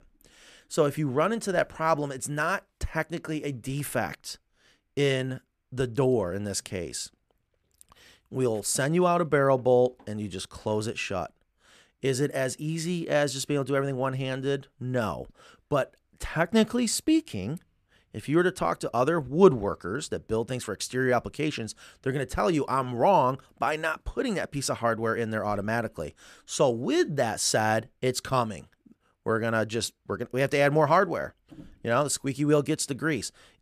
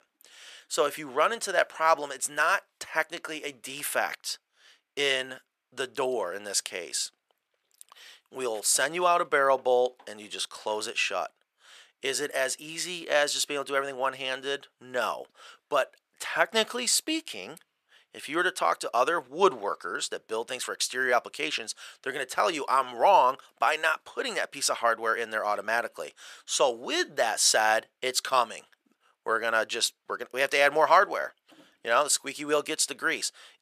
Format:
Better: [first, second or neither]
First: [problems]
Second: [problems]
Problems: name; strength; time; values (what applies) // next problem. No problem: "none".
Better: first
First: none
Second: thin; very; fading below 700 Hz